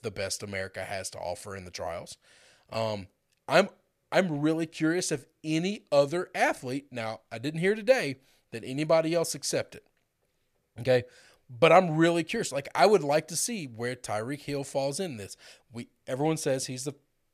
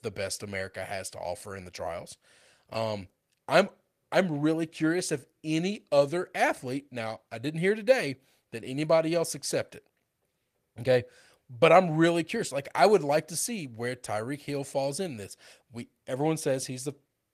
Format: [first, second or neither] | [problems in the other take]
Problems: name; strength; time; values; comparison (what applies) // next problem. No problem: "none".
first | garbled, watery; slightly; nothing above 14.5 kHz